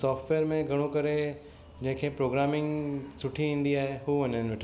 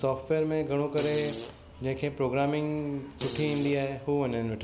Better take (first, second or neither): first